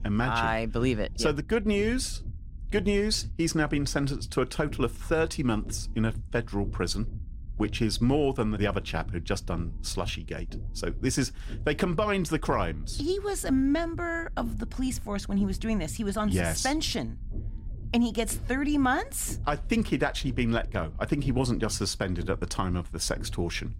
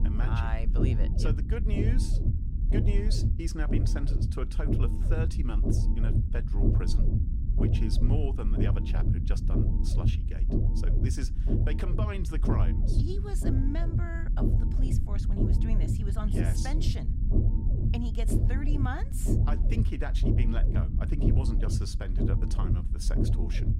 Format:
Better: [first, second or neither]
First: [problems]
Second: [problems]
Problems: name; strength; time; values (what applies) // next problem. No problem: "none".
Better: first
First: low rumble; faint; throughout; 25 dB below the speech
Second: low rumble; loud; throughout; as loud as the speech